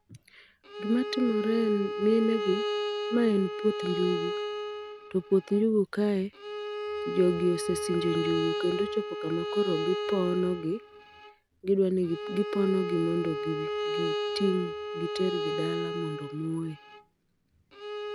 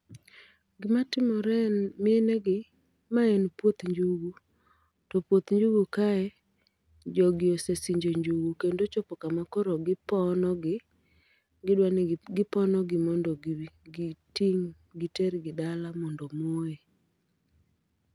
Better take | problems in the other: second | background sound (Bowed string instrument); 4 dB below the speech

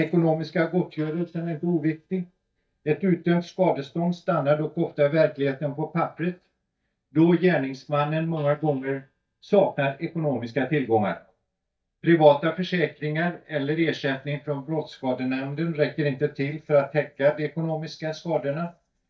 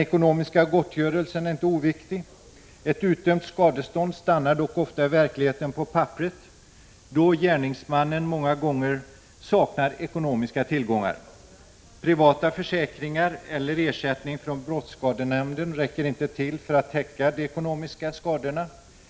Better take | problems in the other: second | noise reduction (neural mask model DeepFilterNet 3)

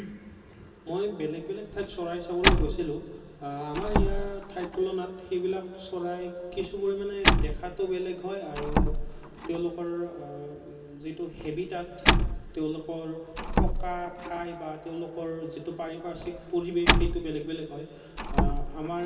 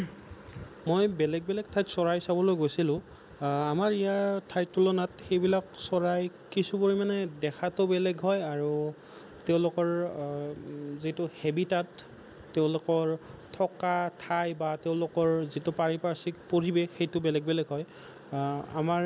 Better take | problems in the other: second | background sound (Slam); 3 dB above the speech // room echo; dies away in 2.5 s

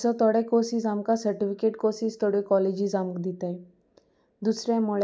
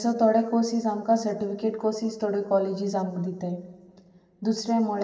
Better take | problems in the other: first | room echo; dies away in 2.4 s

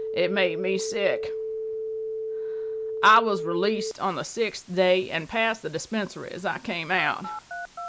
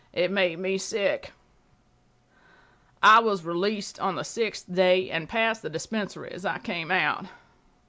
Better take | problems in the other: second | background sound (Telephone); 7 dB below the speech

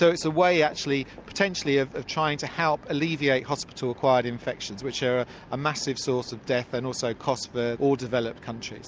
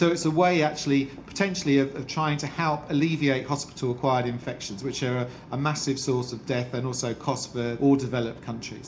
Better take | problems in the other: first | room echo; dies away in 0.4 s

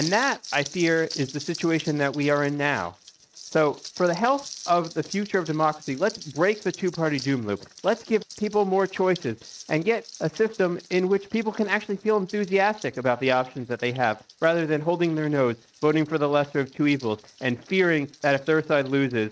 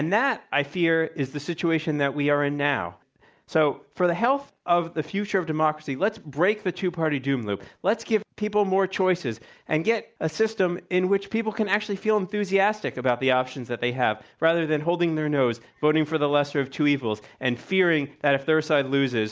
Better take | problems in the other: second | noise reduction (neural mask model RNNoise)

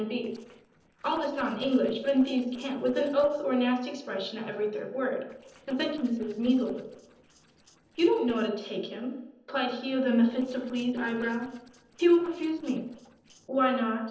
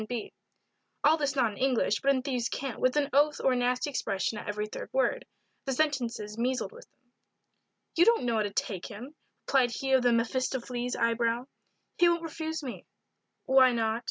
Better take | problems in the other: second | noise reduction (neural separator model SepFormer DNS4)

